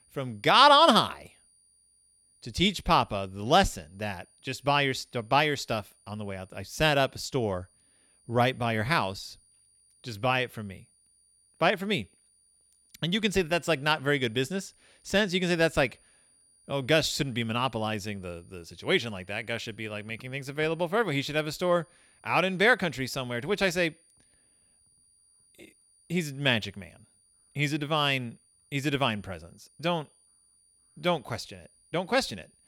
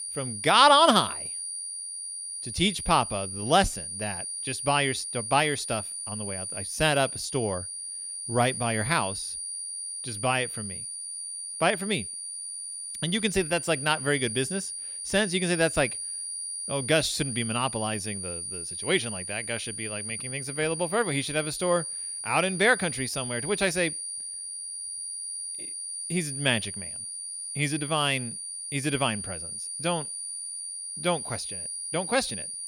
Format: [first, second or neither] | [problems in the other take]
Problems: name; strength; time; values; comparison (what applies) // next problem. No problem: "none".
first | high-pitched whine; loud; throughout; 9.5 kHz, 6 dB below the speech; faint in the first